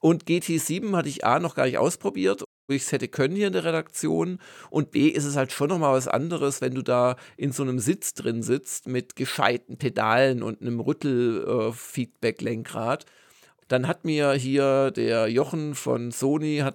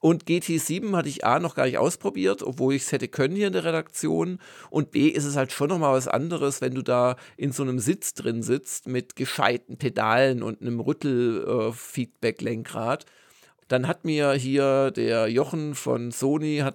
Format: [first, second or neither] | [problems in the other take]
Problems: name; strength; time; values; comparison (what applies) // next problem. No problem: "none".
second | audio cutting out; at 2.5 s